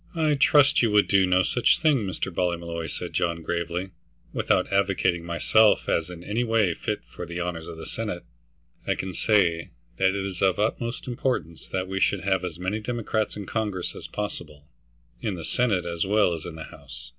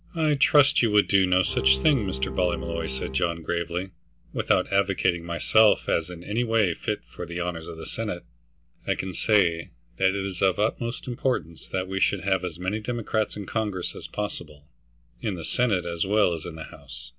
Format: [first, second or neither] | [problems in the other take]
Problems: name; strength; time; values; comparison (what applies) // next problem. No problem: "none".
first | background sound (Bowed string instrument); 7 dB below the speech